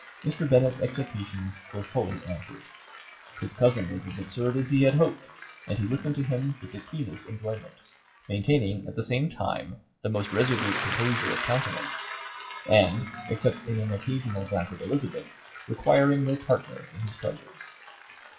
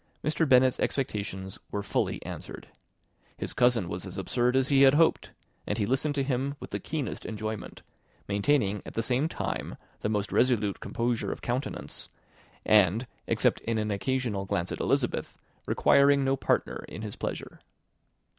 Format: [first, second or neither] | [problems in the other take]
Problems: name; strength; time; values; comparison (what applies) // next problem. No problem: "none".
second | noise reduction (classical method WPE with log-MMSE)